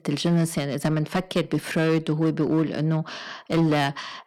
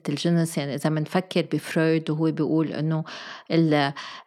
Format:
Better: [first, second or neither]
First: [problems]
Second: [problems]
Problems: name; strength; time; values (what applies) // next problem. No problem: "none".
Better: second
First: distortion; slight; 8% of the sound clipped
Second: none